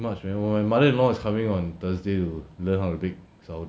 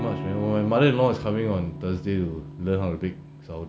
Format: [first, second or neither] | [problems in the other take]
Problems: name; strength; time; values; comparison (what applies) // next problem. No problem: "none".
first | background sound (Electric guitar / Strum); 11 dB below the speech